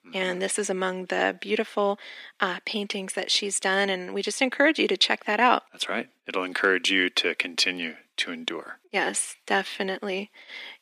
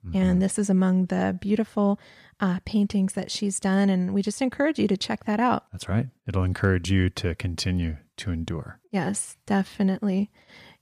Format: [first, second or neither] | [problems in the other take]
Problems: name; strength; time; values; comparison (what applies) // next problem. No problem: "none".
second | thin; very; fading below 300 Hz